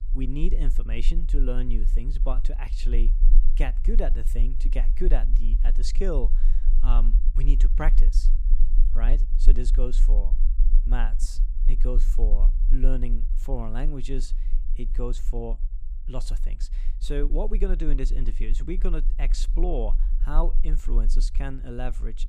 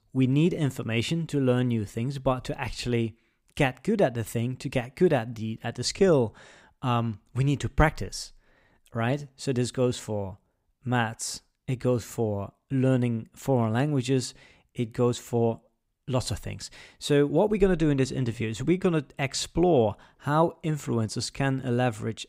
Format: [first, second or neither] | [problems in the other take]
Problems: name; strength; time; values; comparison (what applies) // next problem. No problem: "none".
second | low rumble; noticeable; throughout; 15 dB below the speech